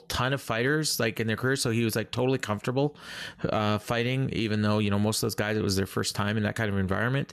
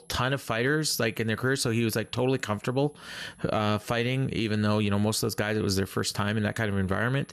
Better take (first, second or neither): first